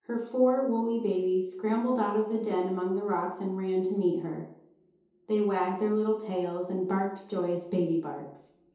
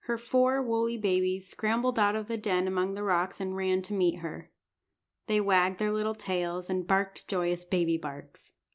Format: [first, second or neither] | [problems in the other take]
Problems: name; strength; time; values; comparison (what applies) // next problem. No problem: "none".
second | room echo; dies away in 0.8 s